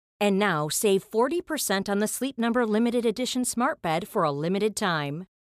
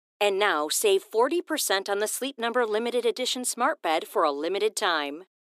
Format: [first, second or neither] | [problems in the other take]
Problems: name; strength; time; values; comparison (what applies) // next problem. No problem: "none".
first | thin; somewhat; fading below 300 Hz